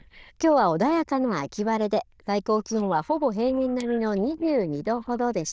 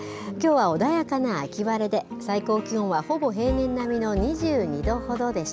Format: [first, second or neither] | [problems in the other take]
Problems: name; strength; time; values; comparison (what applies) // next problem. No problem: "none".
second | noise reduction (neural diffusion model UNIVERSE++)